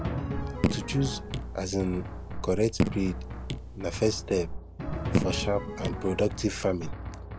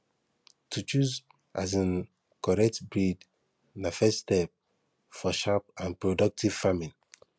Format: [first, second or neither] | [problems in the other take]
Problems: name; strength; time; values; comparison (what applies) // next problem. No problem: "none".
second | background sound (Raindrop / Drip + Drum); 1 dB below the speech